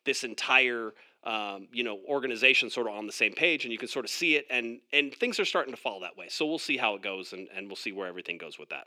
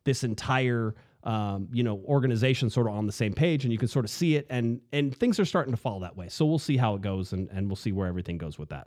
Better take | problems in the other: second | thin; somewhat; fading below 300 Hz

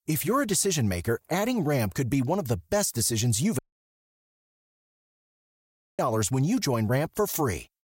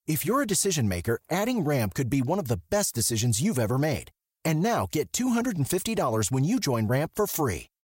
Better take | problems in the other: second | audio cutting out; at 3.5 s for 2.5 s

